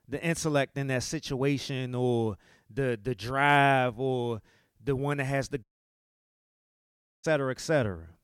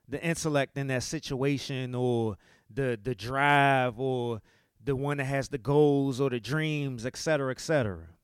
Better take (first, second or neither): second